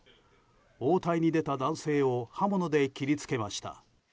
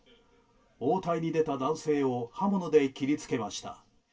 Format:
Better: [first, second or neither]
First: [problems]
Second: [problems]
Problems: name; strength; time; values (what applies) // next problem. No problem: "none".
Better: first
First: none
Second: room echo; dies away in 0.1 s